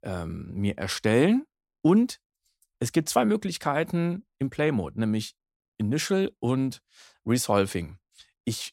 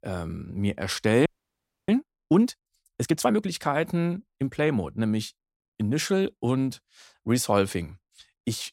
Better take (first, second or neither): first